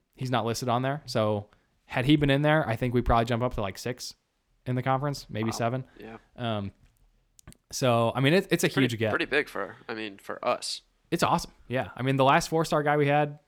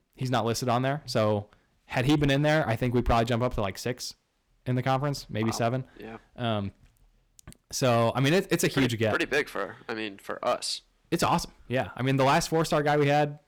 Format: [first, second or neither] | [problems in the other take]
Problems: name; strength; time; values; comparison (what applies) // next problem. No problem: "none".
first | distortion; slight; 5% of the sound clipped